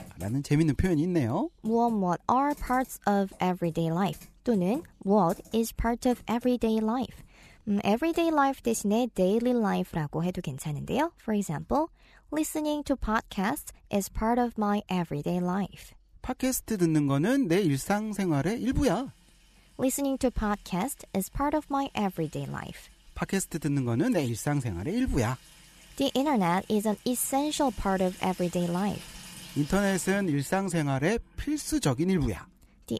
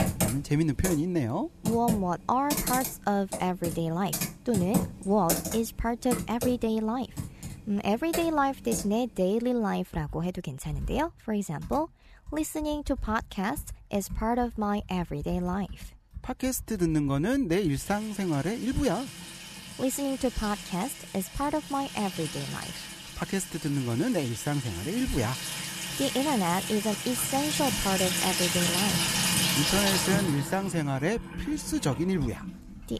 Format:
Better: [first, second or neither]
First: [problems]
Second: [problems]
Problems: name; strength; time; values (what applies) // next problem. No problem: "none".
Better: first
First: household noises; faint; throughout; 25 dB below the speech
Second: household noises; loud; throughout; 2 dB below the speech